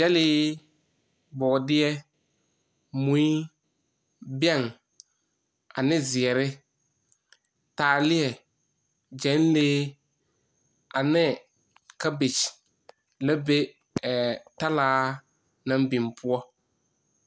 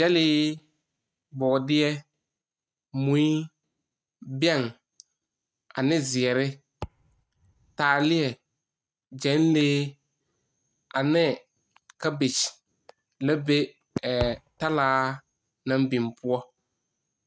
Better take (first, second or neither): first